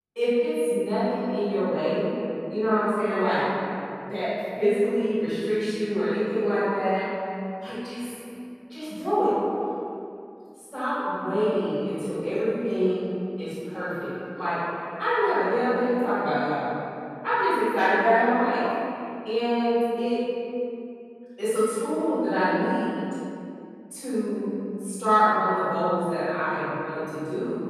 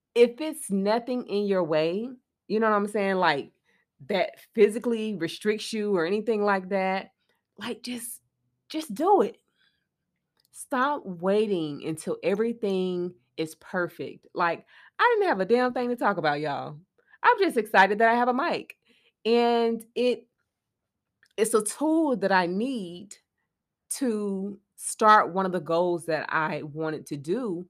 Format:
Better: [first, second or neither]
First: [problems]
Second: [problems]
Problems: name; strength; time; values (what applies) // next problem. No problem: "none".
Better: second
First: room echo; strong; dies away in 2.5 s // off-mic speech; far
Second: none